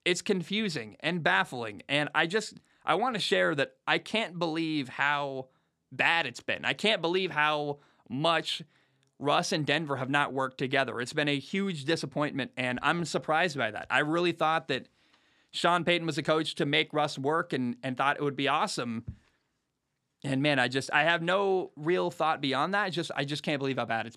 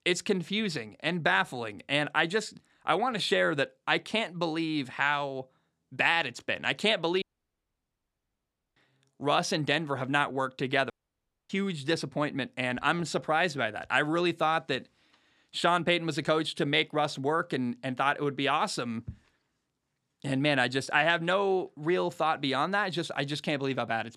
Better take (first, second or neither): first